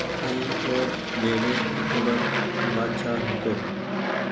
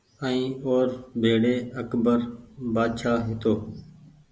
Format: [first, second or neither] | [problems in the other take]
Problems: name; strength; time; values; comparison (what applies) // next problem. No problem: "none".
second | background sound (Aircraft); 2 dB above the speech